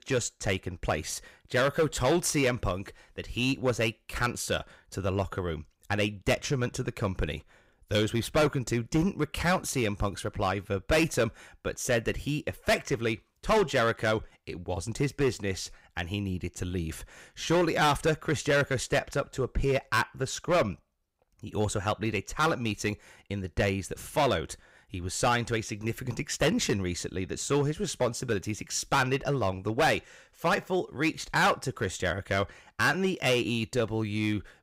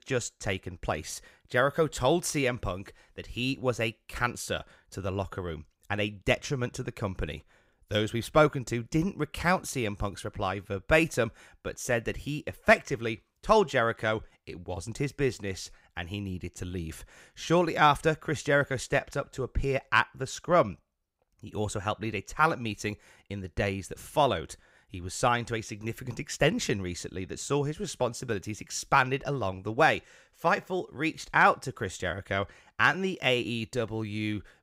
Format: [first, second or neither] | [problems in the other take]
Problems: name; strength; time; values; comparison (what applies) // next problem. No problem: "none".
second | distortion; heavy; 5% of the sound clipped